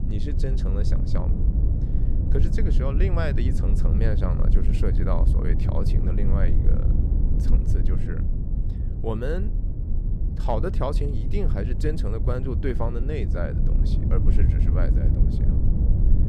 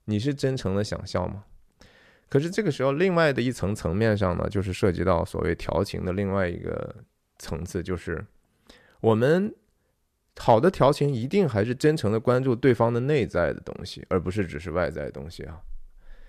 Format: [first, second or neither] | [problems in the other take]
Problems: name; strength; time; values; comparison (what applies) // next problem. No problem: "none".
second | low rumble; loud; throughout; 5 dB below the speech